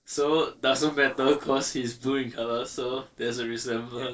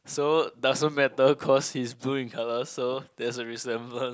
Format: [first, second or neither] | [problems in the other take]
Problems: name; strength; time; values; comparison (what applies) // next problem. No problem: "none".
second | noise reduction (neural separator model SepFormer DNS4)